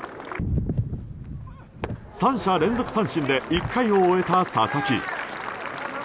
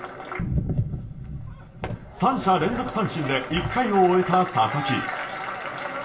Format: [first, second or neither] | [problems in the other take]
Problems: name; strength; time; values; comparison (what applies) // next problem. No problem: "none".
first | room echo; dies away in 0.4 s